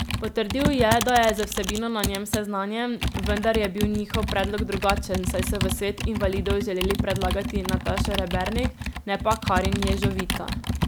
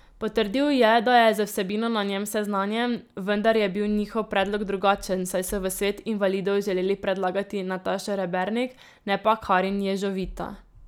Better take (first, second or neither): second